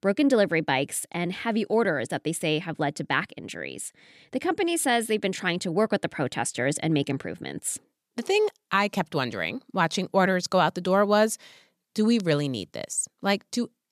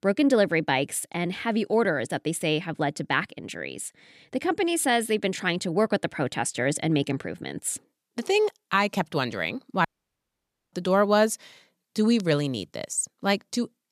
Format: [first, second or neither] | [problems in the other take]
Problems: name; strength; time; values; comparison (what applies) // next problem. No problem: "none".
first | audio cutting out; at 10 s for 1 s